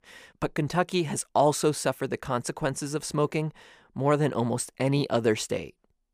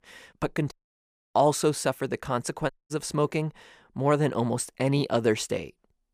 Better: first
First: none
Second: audio cutting out; at 0.5 s for 0.5 s and at 2.5 s

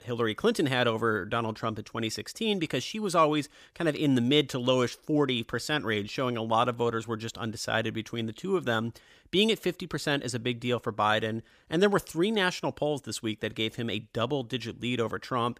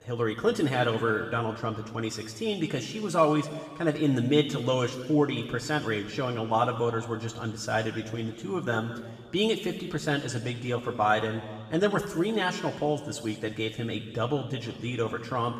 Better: first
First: none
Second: room echo; noticeable; dies away in 1.4 s // off-mic speech; somewhat distant

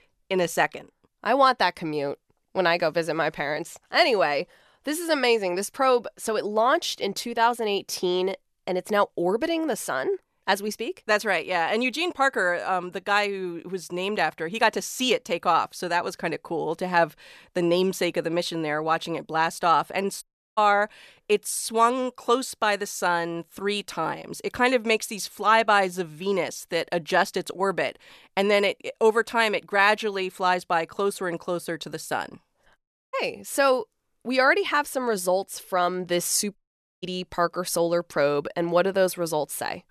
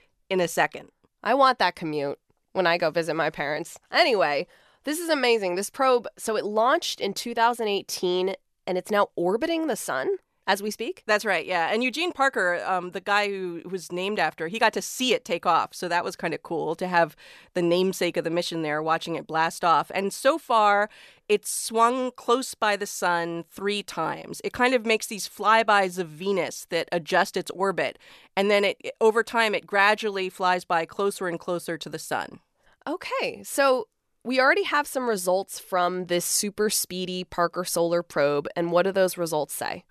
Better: second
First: audio cutting out; at 20 s, at 33 s and at 37 s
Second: none

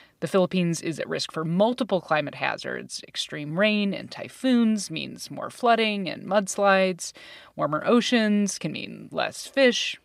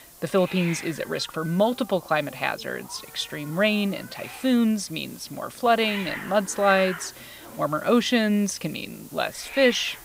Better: first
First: none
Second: hiss; noticeable; throughout; 15 dB below the speech

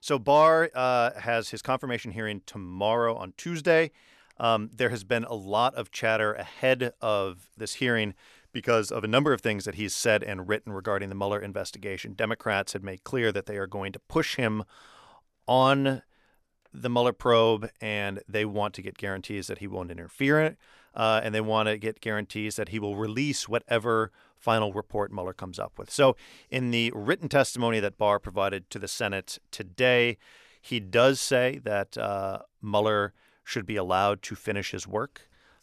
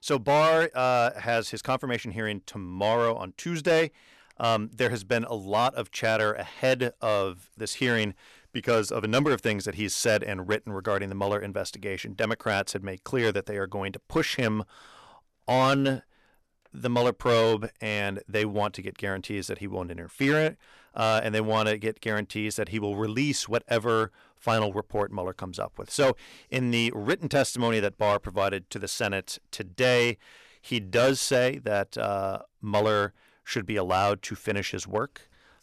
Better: first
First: none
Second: distortion; slight; 4% of the sound clipped

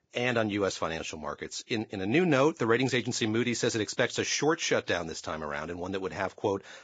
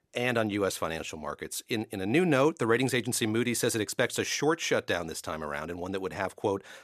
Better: second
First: garbled, watery; badly; nothing above 7.5 kHz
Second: none

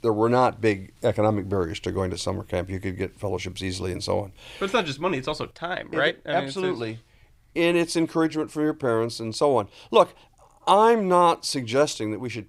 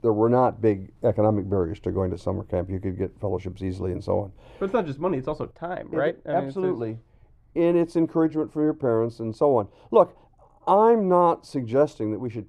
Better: first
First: none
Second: muffled; very; fading above 1.5 kHz

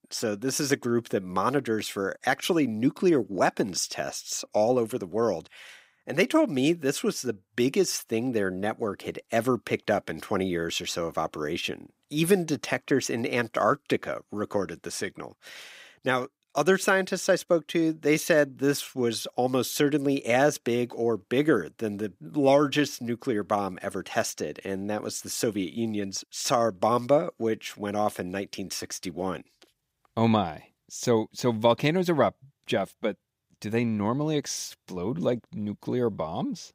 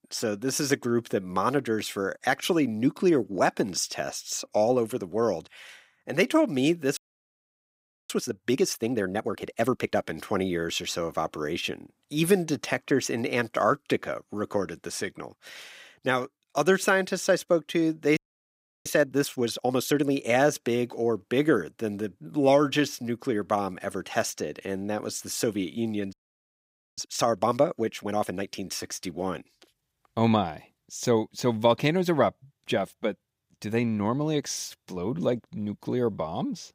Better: first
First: none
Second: audio freezing; at 7 s for 1 s, at 18 s for 0.5 s and at 26 s for 1 s

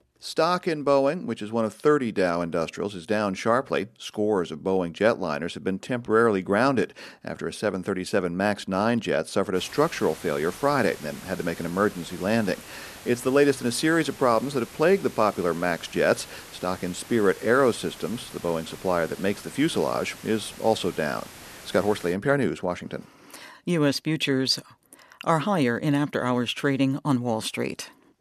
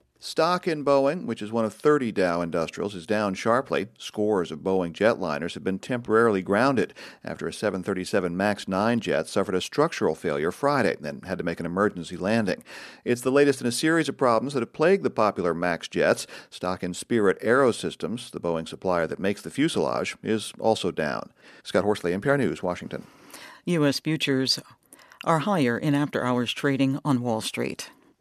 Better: second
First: hiss; noticeable; from 9.5 to 22 s; 15 dB below the speech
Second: none

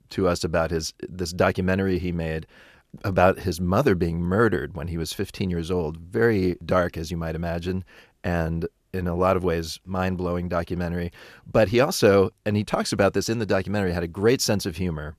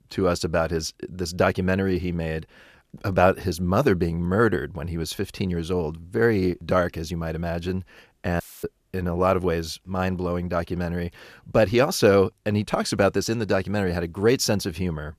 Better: first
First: none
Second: audio cutting out; filled with static; at 8.5 s

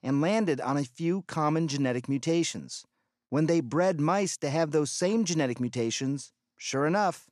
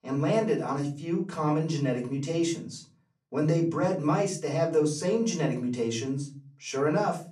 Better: first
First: none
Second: off-mic speech; far // room echo; very slight; dies away in 0.4 s

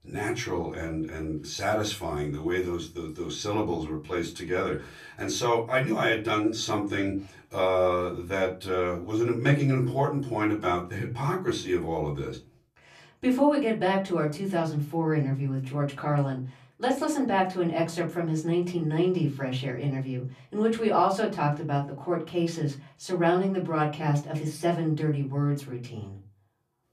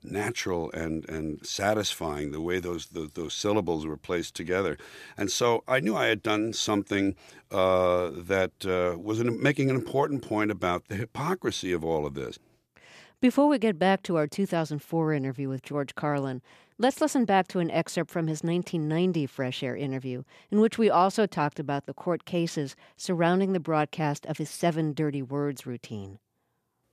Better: second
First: off-mic speech; far // room echo; very slight; dies away in 0.3 s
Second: none

